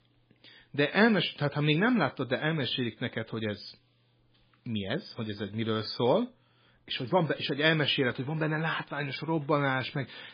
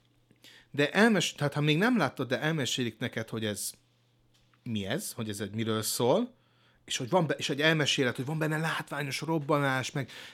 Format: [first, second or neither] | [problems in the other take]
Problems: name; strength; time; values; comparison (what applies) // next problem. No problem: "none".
second | garbled, watery; badly; nothing above 4.5 kHz